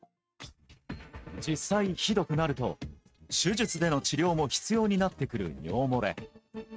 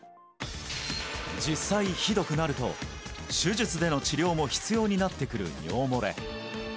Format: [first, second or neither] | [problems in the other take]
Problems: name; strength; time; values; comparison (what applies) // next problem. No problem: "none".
second | noise reduction (neural mask model RNNoise)